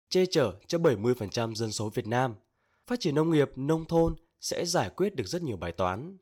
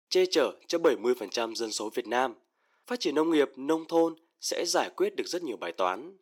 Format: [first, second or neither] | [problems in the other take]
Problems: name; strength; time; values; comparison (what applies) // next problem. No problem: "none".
first | thin; somewhat; fading below 300 Hz